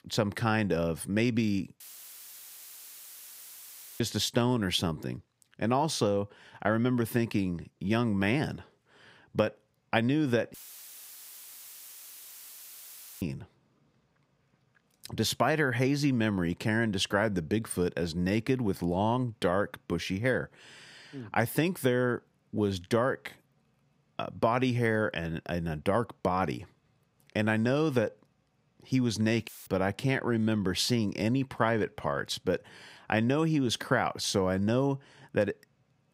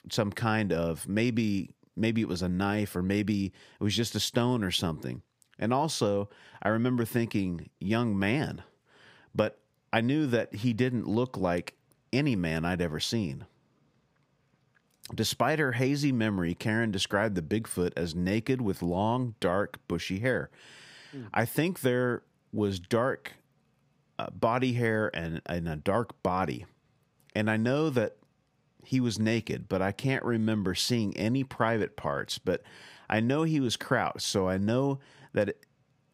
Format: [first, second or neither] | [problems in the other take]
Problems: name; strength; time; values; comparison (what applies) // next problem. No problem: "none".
second | audio cutting out; filled with static; at 2 s for 2 s, at 11 s for 2.5 s and at 29 s